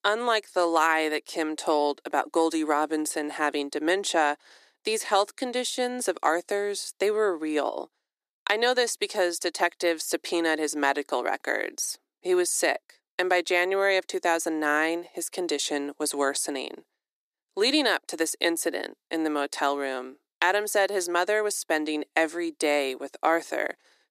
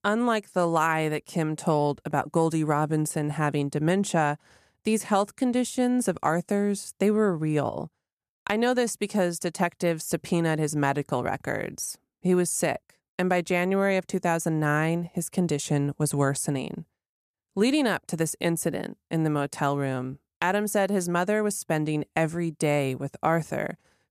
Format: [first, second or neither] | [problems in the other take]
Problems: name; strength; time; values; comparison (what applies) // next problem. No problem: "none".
second | thin; somewhat; fading below 300 Hz